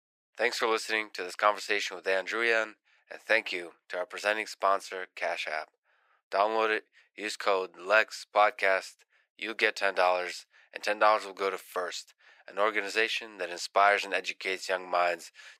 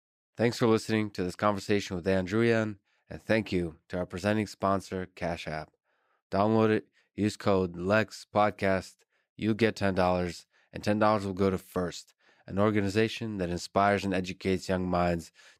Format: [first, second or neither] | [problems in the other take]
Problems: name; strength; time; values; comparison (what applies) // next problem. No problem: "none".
second | thin; very; fading below 550 Hz